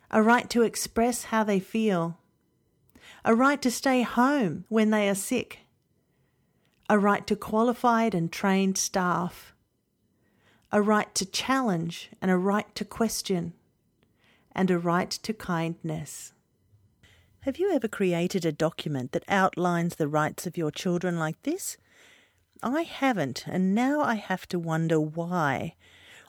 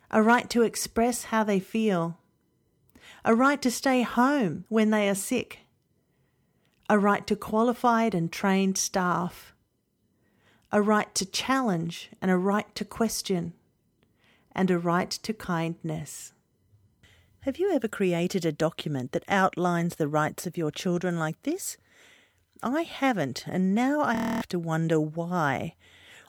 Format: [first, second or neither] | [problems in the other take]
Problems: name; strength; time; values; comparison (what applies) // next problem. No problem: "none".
first | audio freezing; at 24 s